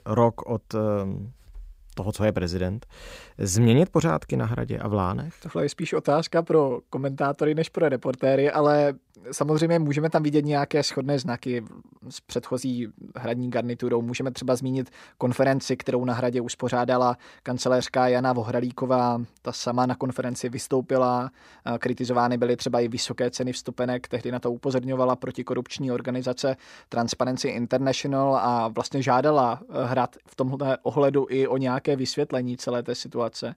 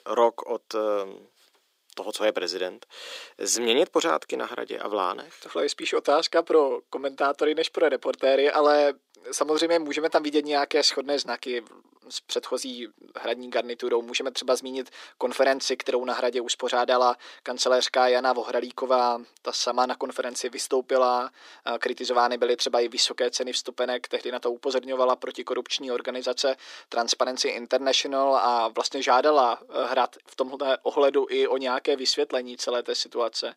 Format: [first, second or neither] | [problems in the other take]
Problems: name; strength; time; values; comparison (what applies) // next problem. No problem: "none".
first | thin; somewhat; fading below 300 Hz